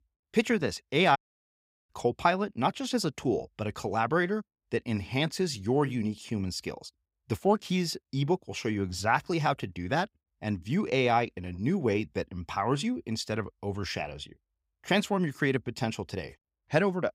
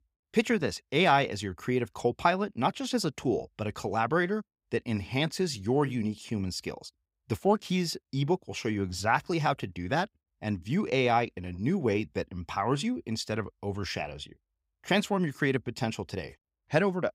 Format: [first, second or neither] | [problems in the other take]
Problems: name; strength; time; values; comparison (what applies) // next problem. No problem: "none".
second | audio cutting out; at 1 s for 0.5 s